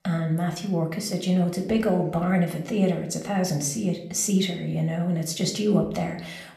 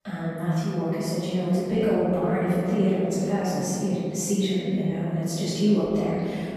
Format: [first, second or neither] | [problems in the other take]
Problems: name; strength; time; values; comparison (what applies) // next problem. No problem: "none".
first | room echo; strong; dies away in 2.7 s; slight in the first // off-mic speech; far